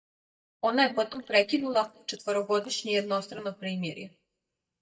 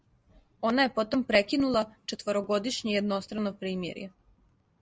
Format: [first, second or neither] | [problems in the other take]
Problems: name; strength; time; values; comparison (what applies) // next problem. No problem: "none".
second | noise reduction (neural mask model DeepFilterNet 3)